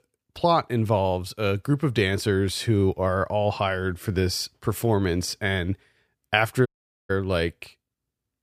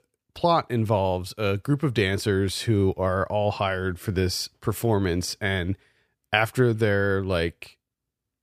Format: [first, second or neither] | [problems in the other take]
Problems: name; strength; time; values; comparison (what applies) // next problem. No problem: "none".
second | audio cutting out; at 6.5 s